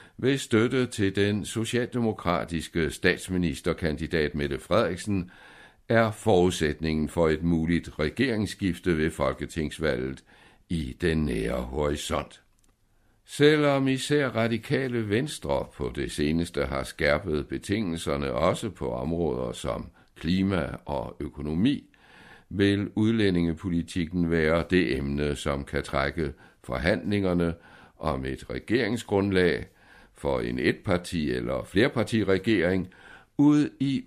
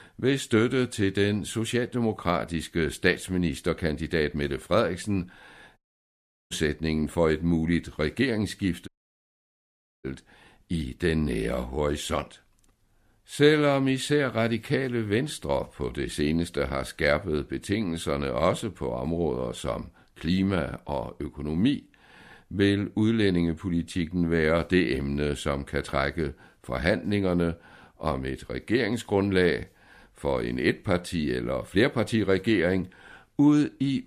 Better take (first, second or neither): first